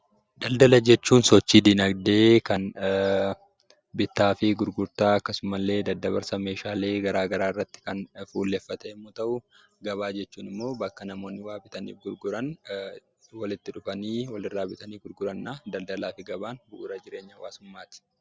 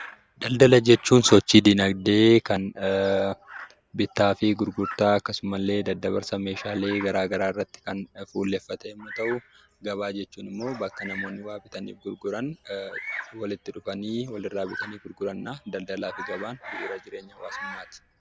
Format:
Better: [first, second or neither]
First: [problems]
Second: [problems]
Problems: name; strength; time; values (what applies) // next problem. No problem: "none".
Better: first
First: none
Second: background sound (Bird vocalization, bird call, bird song); 17 dB below the speech